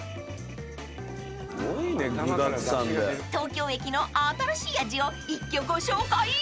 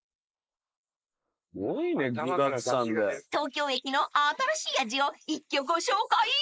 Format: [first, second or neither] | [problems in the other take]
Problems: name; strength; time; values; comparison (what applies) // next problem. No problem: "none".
first | noise reduction (neural mask model Resemble Enhance denoiser)